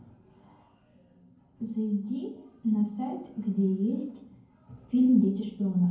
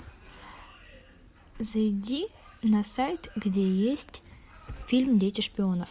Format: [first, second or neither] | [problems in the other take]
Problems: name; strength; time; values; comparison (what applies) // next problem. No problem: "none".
second | room echo; dies away in 0.9 s